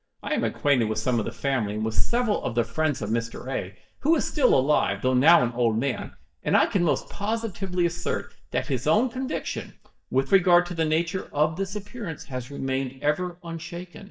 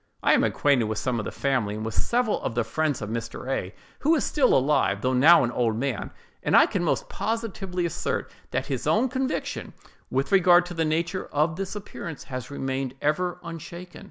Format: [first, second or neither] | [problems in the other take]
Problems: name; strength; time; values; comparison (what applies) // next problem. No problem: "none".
second | noise reduction (neural mask model DeepFilterNet 3)